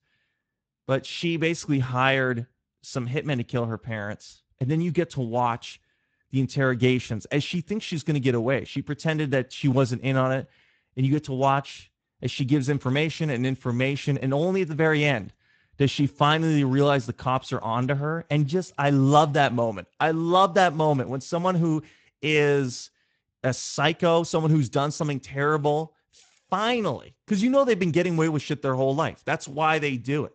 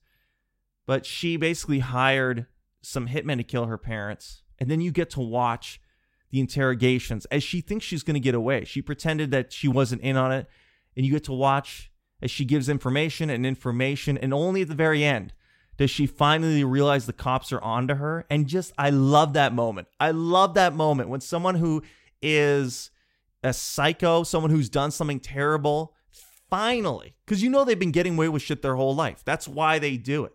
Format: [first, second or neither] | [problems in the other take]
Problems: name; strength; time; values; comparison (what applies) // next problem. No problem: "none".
second | garbled, watery; slightly; nothing above 8 kHz